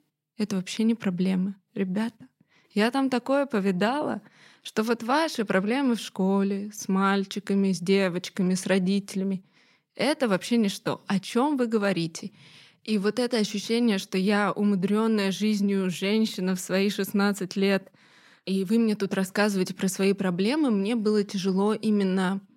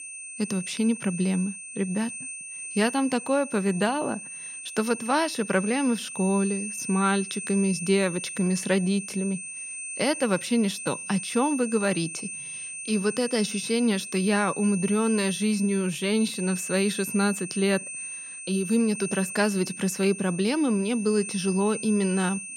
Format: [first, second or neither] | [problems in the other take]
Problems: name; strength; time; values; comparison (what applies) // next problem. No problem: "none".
first | high-pitched whine; loud; throughout; 2.5 kHz, 8 dB below the speech